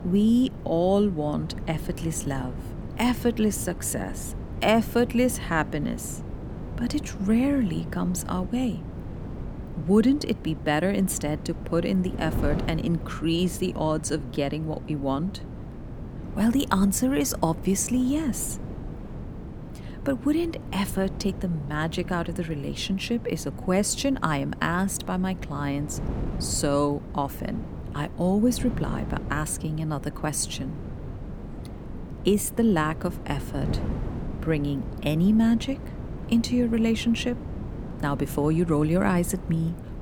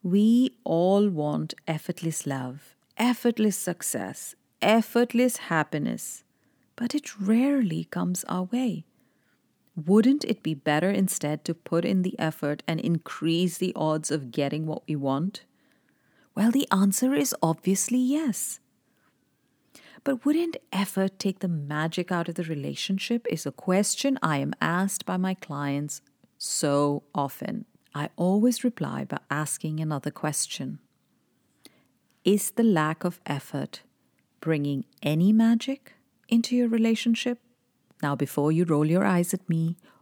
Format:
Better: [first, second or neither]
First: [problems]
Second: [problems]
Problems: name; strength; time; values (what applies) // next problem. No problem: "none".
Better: second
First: wind noise on the microphone; occasional gusts; 15 dB below the speech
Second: none